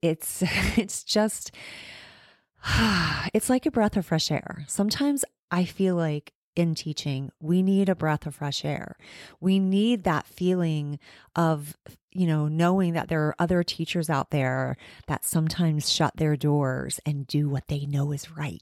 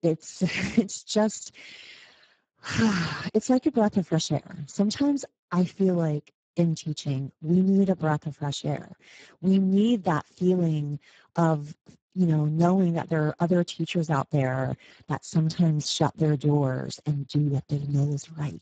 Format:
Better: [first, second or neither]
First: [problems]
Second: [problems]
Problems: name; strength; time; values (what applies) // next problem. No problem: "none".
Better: first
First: none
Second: garbled, watery; badly; nothing above 7.5 kHz